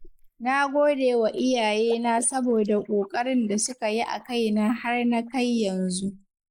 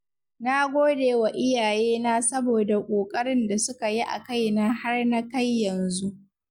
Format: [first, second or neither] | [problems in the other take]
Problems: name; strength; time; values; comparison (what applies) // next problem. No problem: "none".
second | noise reduction (neural mask model Resemble Enhance denoiser)